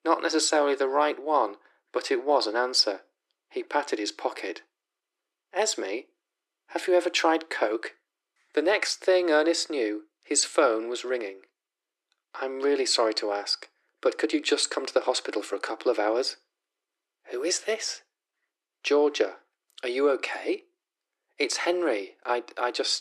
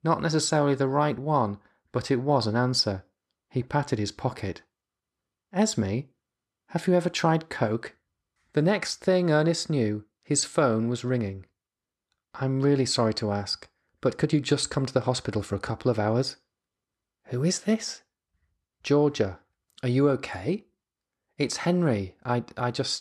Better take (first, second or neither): second